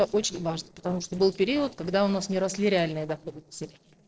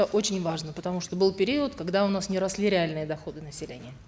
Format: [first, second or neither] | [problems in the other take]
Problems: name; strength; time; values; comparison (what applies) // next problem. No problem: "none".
second | noise reduction (neural separator model SepFormer DNS4)